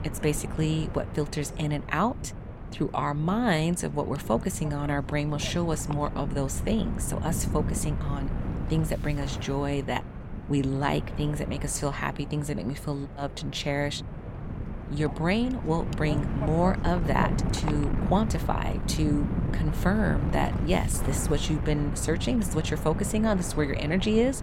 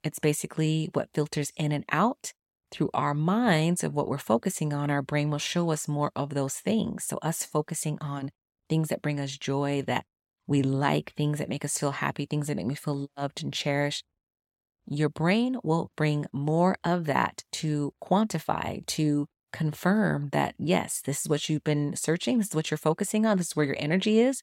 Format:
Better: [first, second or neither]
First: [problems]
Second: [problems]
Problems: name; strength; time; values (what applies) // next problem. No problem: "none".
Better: second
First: wind noise on the microphone; heavy; 9 dB below the speech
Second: none